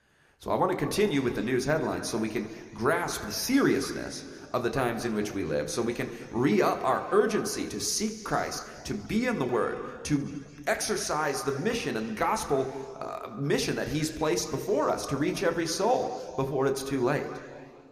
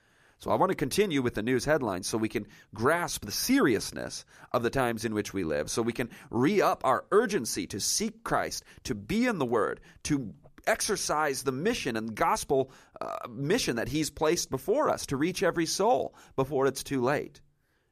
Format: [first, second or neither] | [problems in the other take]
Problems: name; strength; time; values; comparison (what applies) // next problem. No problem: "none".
second | room echo; very slight; dies away in 2.3 s